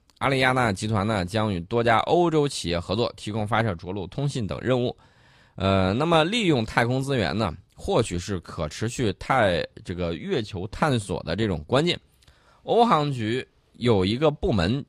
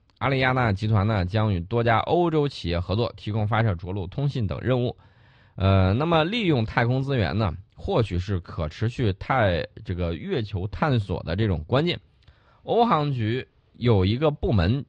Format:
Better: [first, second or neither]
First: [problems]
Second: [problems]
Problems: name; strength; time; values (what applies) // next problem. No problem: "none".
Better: first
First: none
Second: muffled; very slightly; fading above 4 kHz